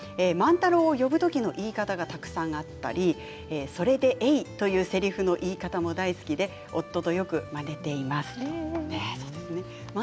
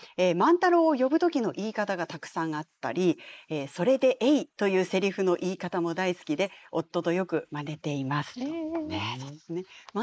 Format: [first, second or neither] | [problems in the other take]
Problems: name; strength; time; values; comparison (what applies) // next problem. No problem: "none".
first | noise reduction (neural mask model Resemble Enhance denoiser)